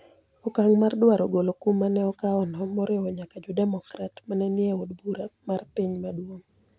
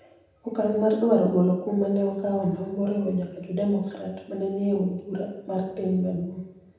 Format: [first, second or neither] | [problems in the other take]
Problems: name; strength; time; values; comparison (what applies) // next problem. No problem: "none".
first | room echo; dies away in 0.8 s